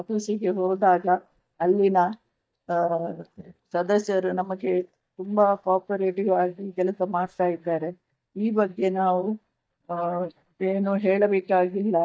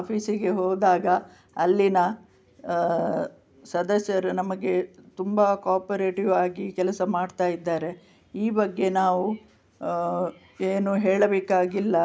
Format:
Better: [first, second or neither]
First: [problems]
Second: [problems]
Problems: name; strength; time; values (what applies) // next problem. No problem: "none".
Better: second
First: noise reduction (neural mask model DeepFilterNet 3)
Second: none